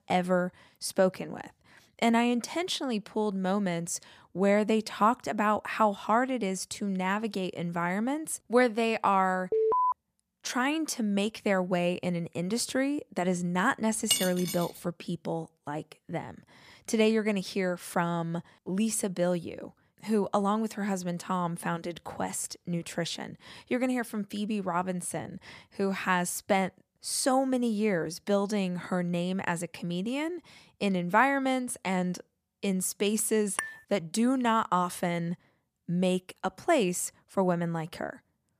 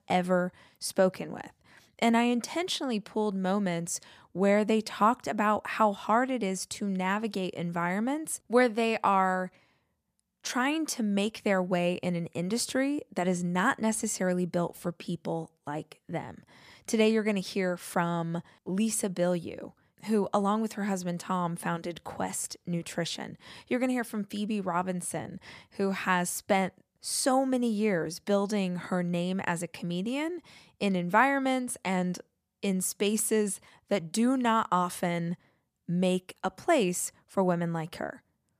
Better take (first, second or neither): second